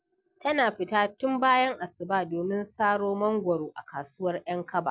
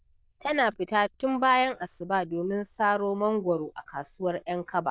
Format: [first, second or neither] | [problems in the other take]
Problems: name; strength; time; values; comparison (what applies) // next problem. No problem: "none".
first | noise reduction (neural diffusion model UNIVERSE++)